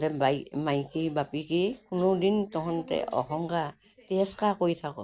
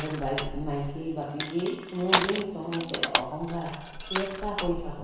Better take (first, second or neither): first